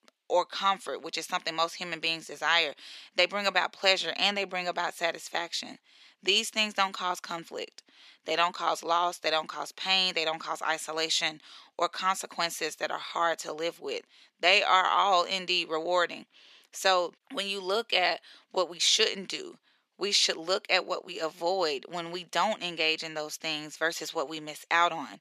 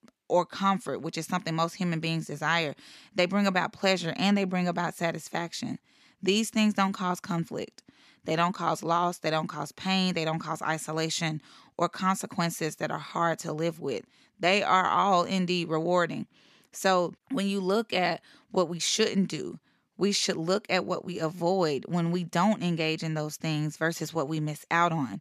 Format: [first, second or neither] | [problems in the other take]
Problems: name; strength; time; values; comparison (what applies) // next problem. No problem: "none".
second | thin; very; fading below 500 Hz